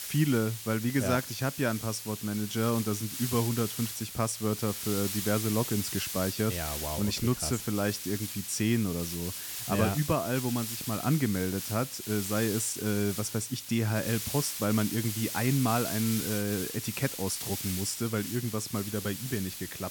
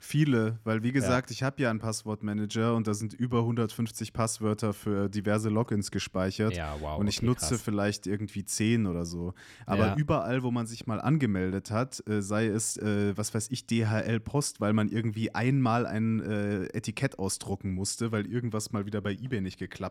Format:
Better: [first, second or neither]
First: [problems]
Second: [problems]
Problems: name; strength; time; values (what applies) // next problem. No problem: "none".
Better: second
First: hiss; loud; throughout; 5 dB below the speech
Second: none